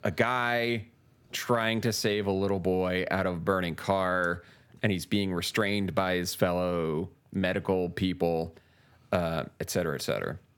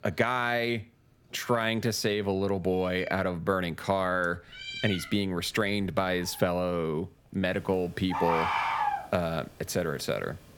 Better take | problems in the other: first | animal sounds; loud; throughout; 3 dB below the speech

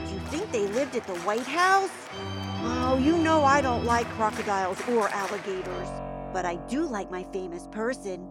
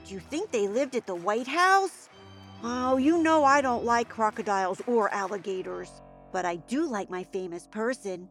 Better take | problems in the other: second | background music; loud; throughout; 8 dB below the speech; faint in the second

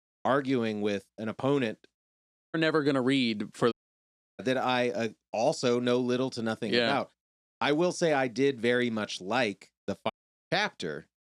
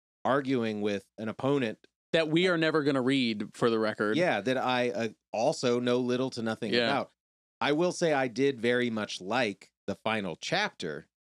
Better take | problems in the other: second | audio cutting out; at 2 s for 0.5 s, at 3.5 s for 0.5 s and at 10 s

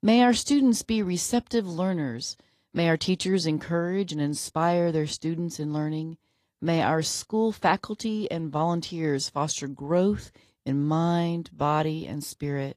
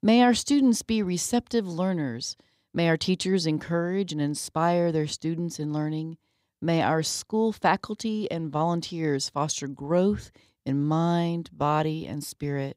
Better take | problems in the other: second | garbled, watery; slightly

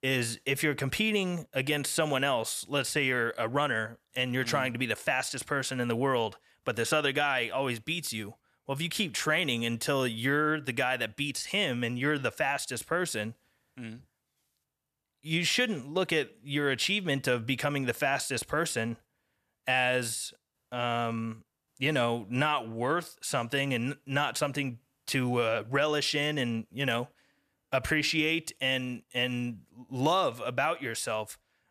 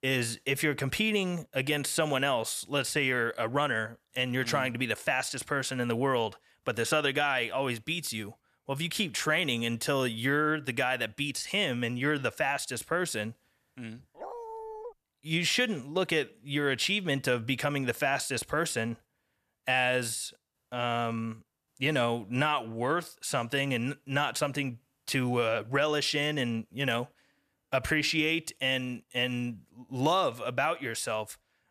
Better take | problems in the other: first | dog barking; faint; at 14 s; peak 10 dB below the speech

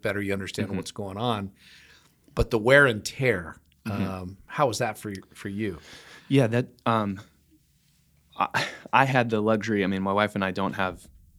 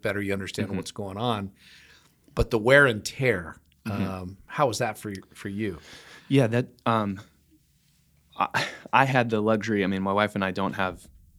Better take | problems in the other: neither | none

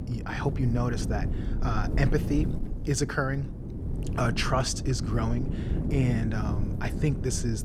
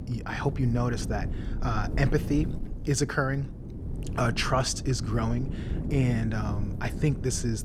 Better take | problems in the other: second | wind noise on the microphone; heavy; 9 dB below the speech; occasional gusts in the second

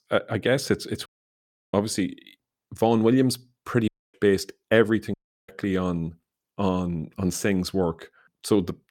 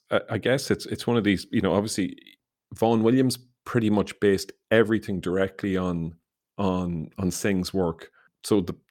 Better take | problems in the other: second | audio cutting out; at 1 s for 0.5 s, at 4 s and at 5 s

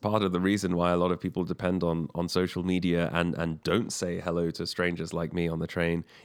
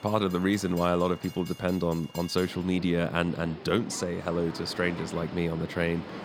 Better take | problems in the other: first | train or aircraft noise; noticeable; throughout; 15 dB below the speech

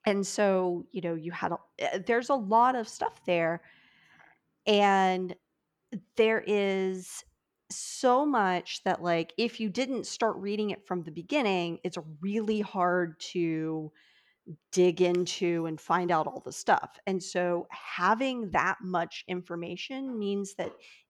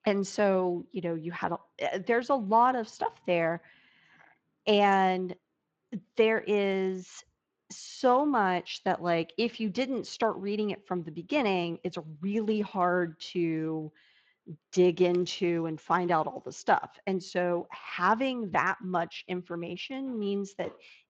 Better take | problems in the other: first | garbled, watery; slightly; nothing above 7.5 kHz

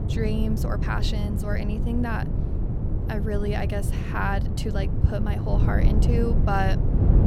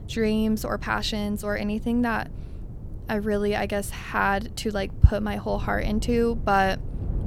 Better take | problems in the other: second | wind noise on the microphone; heavy; 6 dB below the speech; occasional gusts in the second

